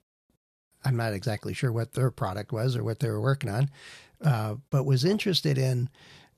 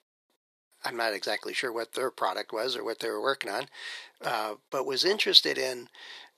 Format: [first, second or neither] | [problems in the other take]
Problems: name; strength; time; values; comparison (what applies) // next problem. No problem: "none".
first | thin; very; fading below 350 Hz